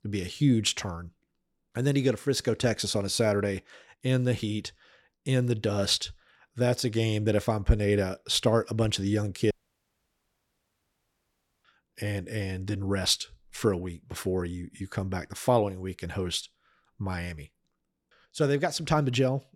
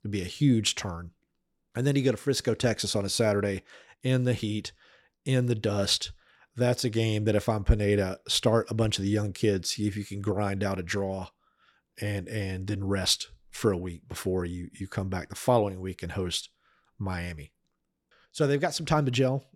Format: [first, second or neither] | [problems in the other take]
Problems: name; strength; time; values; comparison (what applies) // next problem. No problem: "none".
second | audio cutting out; at 9.5 s for 2 s